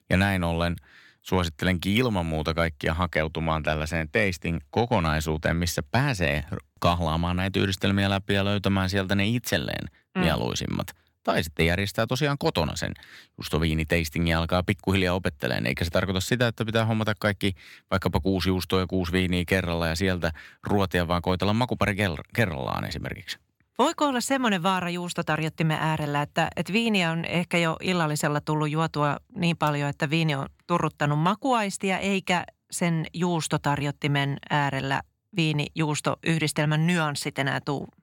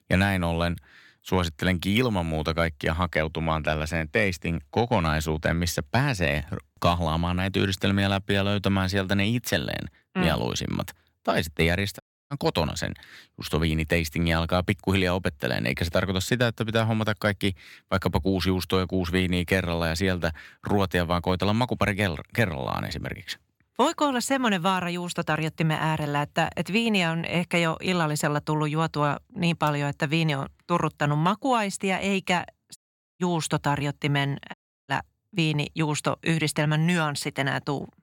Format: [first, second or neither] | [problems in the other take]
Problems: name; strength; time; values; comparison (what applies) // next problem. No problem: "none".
first | audio cutting out; at 12 s, at 33 s and at 35 s